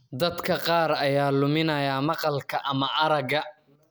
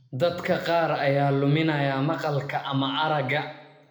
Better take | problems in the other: first | room echo; dies away in 0.9 s

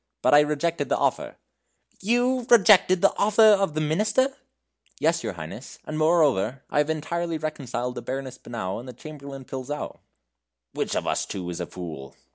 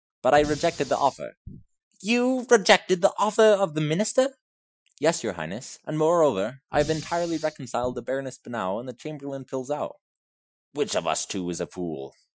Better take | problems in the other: first | noise reduction (classical method Wiener filter)

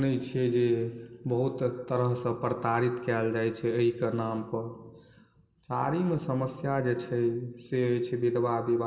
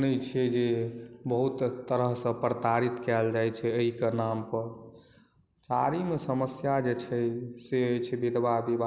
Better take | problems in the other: second | room echo; dies away in 0.7 s

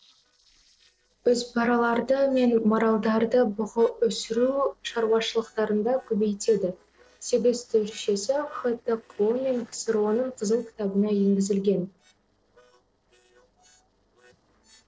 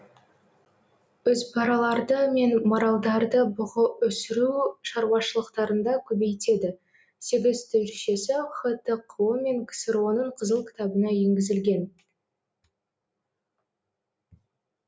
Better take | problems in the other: second | noise reduction (neural separator model SepFormer DNS4)

